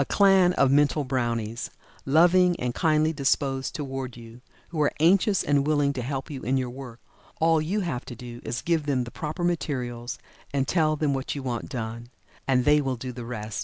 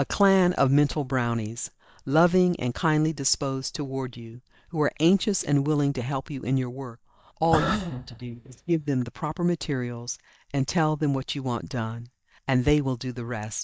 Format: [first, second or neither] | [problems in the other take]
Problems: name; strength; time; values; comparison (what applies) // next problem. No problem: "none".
first | noise reduction (neural mask model DeepFilterNet 3)